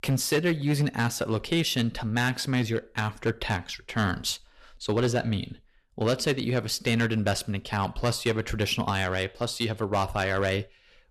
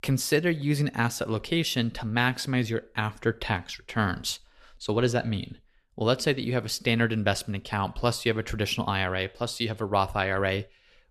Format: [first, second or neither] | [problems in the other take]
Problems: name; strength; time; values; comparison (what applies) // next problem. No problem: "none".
second | distortion; slight; 5% of the sound clipped